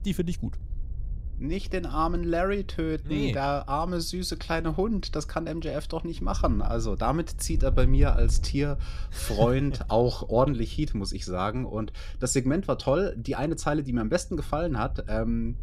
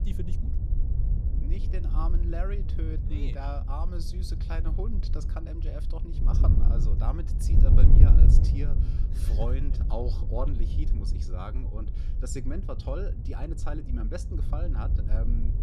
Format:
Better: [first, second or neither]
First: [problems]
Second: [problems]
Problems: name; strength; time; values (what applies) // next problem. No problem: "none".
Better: first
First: wind noise on the microphone; occasional gusts; 25 dB below the speech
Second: wind noise on the microphone; heavy; 4 dB below the speech